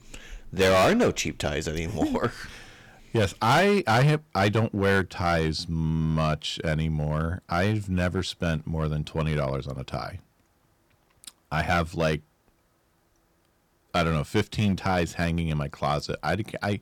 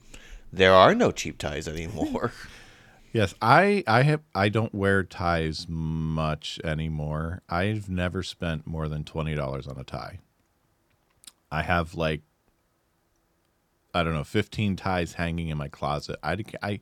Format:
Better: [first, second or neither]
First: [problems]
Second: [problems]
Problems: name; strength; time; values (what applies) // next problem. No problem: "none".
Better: second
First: distortion; heavy; 5% of the sound clipped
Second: none